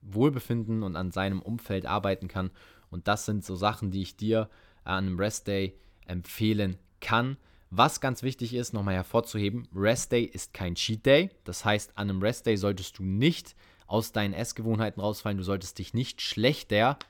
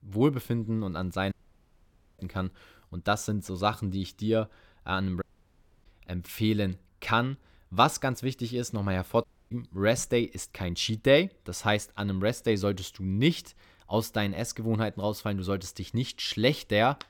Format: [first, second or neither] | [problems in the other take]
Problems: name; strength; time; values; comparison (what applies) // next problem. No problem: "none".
first | audio cutting out; at 1.5 s for 1 s, at 5 s for 0.5 s and at 9 s